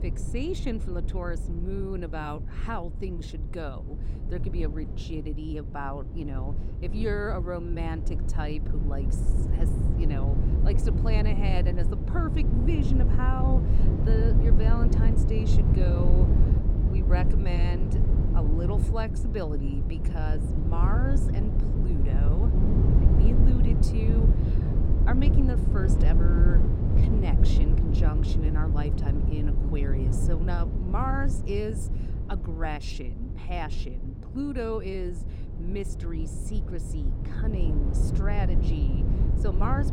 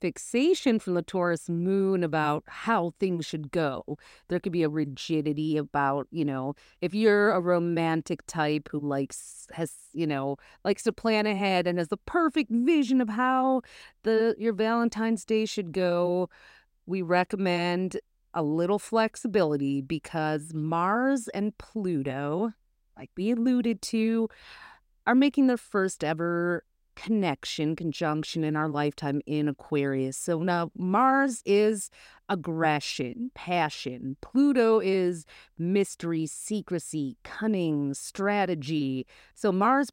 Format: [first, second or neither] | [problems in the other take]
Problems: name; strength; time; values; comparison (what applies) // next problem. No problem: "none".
second | low rumble; loud; throughout; 3 dB below the speech